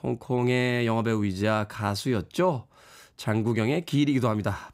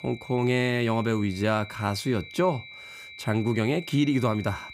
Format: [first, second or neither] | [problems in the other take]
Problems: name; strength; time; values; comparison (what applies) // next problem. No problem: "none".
first | high-pitched whine; noticeable; throughout; 2.5 kHz, 15 dB below the speech